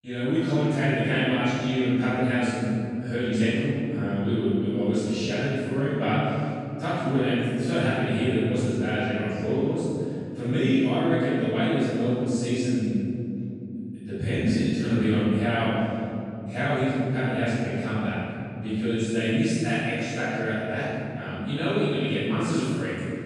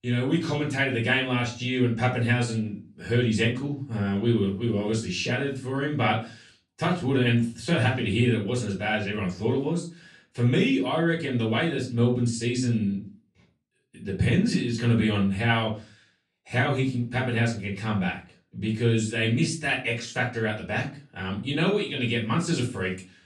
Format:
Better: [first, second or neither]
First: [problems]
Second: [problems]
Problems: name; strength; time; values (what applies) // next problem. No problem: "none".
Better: second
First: room echo; strong; dies away in 3 s // off-mic speech; far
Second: room echo; slight; dies away in 0.3 s // off-mic speech; far